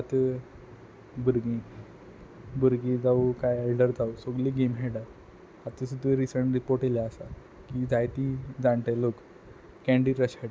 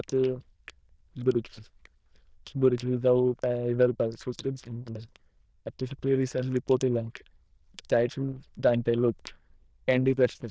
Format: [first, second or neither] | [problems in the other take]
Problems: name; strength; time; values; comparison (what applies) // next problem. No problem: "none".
first | noise reduction (neural diffusion model UNIVERSE++)